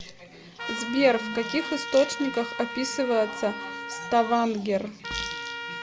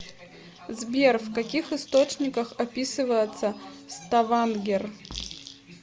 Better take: second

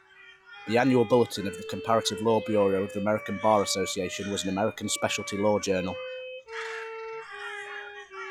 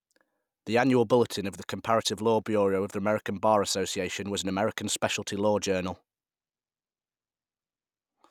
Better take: second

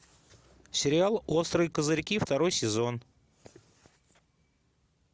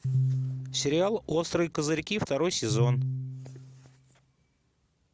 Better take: first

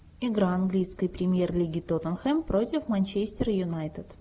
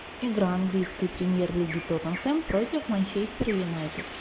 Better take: first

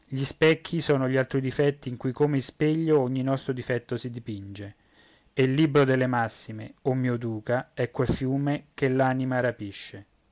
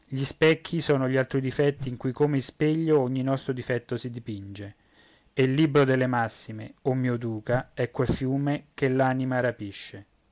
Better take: first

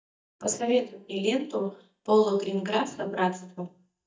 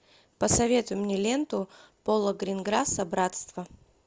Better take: second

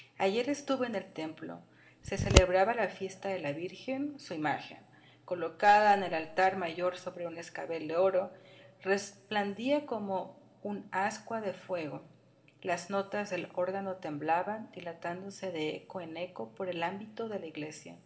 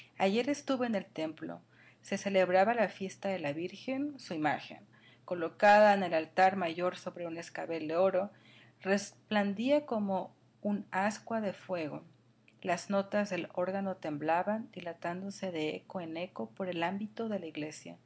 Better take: second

